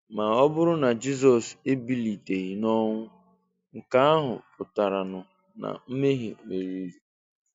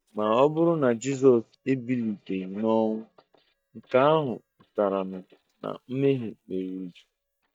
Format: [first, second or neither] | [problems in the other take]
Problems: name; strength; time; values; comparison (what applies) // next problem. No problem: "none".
first | noise reduction (neural mask model DeepFilterNet 3)